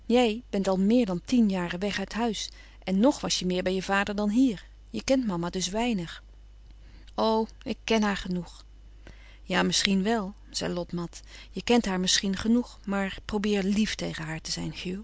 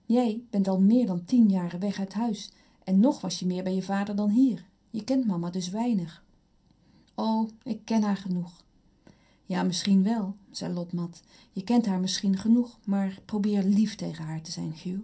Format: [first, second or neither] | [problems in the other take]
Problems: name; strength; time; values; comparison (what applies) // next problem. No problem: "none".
first | room echo; dies away in 0.3 s